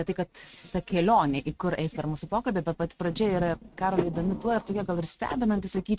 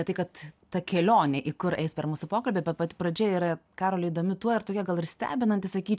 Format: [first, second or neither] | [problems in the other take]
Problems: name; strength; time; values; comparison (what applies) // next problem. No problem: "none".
second | noise reduction (neural mask model RNNoise)